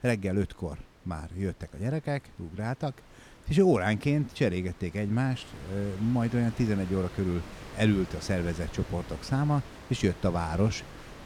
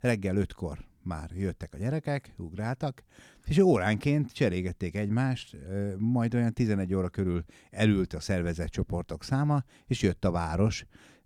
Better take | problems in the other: second | wind noise on the microphone; occasional gusts; 15 dB below the speech

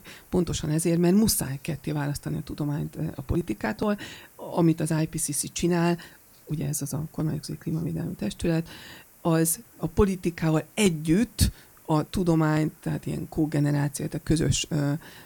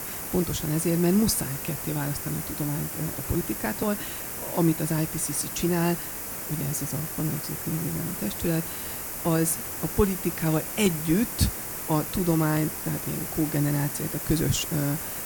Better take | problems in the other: first | hiss; loud; throughout; 4 dB below the speech; faint in the first

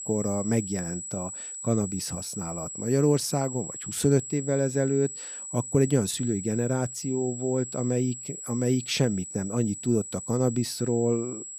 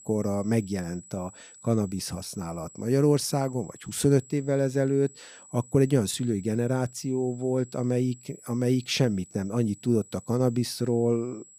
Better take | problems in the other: second | high-pitched whine; loud; throughout; 8 kHz, 8 dB below the speech; faint in the second

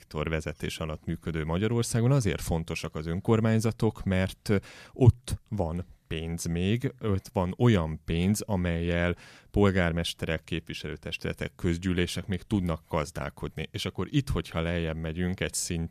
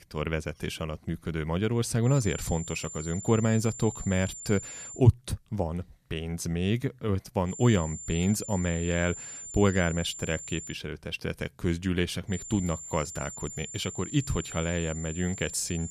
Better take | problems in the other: first | high-pitched whine; loud; from 2 to 5 s, from 7.5 to 11 s and from 12 s on; 7 kHz, 10 dB below the speech

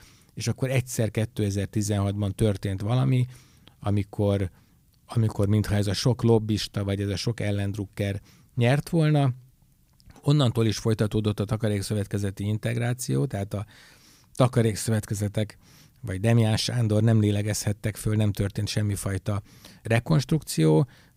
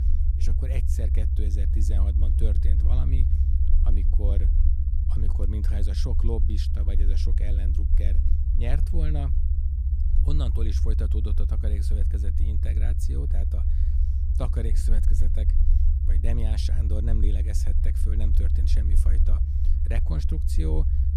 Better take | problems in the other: first | low rumble; loud; throughout; 2 dB below the speech

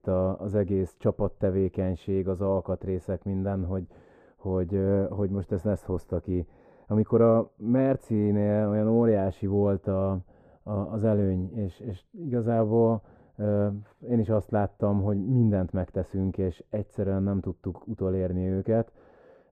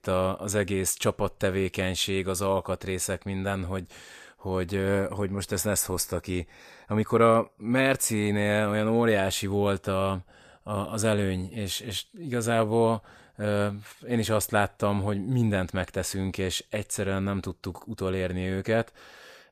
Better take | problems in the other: second | muffled; very; fading above 1.5 kHz

